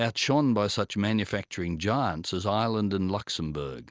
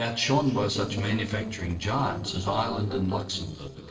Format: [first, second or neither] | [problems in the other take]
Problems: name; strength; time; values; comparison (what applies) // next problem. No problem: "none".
first | noise reduction (neural separator model SepFormer DNS4)